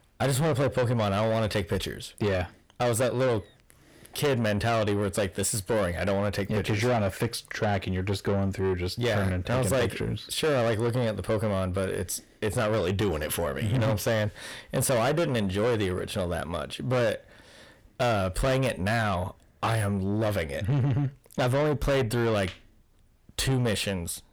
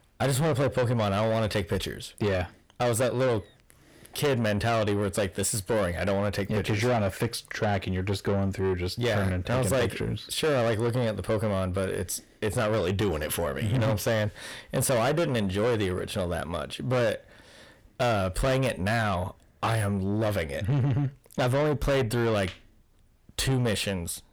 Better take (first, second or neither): neither